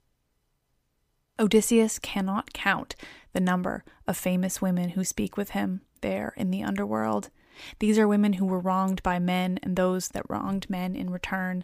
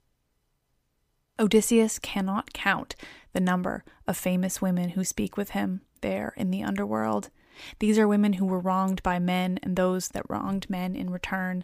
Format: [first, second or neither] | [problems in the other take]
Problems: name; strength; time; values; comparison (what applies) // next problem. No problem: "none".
neither | none